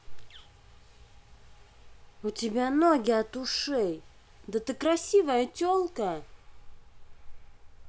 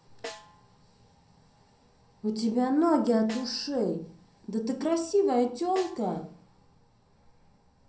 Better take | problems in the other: first | background sound (Snare drum); 19 dB below the speech // room echo; dies away in 0.6 s

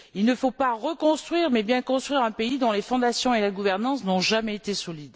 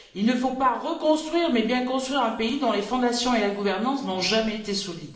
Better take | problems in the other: first | room echo; dies away in 0.9 s

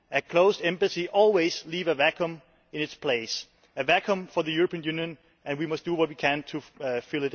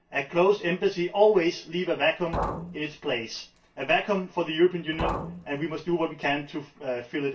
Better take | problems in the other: first | background sound (Liquid); 10 dB below the speech // room echo; dies away in 0.2 s

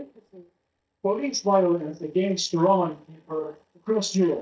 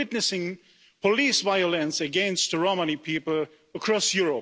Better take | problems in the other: second | noise reduction (neural mask model DeepFilterNet 3)

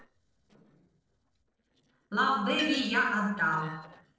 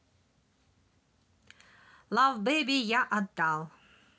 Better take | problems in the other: second | noise reduction (neural separator model SepFormer DNS4)

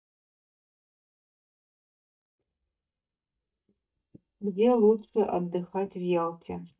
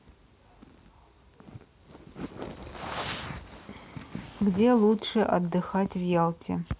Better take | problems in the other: second | noise reduction (neural mask model DeepFilterNet 3)

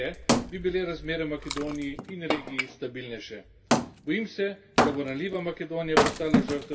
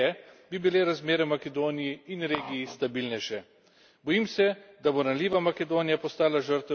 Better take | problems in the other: second | background sound (Wood); 2 dB above the speech // room echo; dies away in 0.1 s

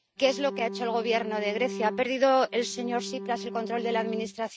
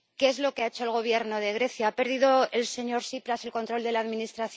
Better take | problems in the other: second | noise reduction (neural mask model RNNoise)

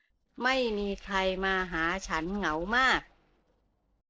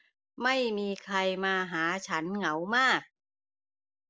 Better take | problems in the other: second | noise reduction (neural separator model SepFormer DNS4)

